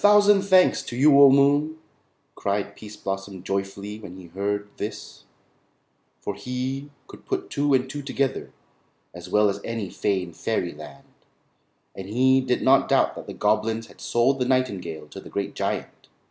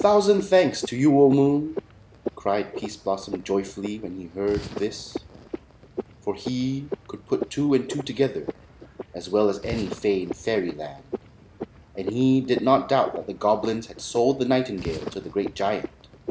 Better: first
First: none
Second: background sound (Frog); 13 dB below the speech

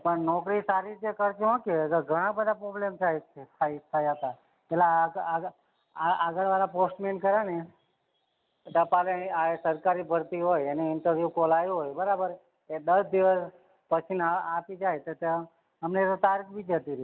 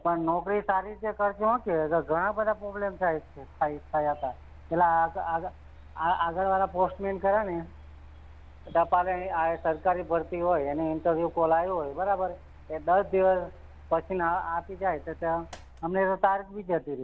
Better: first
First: none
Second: background sound (Mechanical fan); 20 dB below the speech

